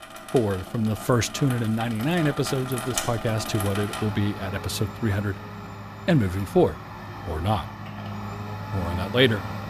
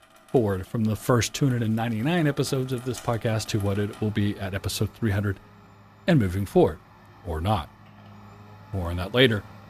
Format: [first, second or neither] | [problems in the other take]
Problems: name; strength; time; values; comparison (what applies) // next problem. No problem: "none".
second | household noises; loud; throughout; 9 dB below the speech; faint in the second